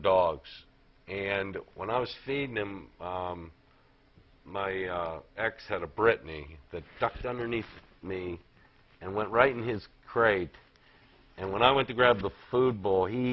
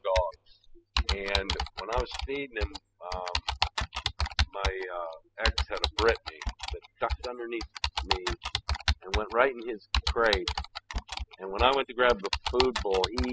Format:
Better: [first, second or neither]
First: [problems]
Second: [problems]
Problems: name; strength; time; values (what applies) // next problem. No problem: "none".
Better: first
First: none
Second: noise reduction (classical method spectral subtraction)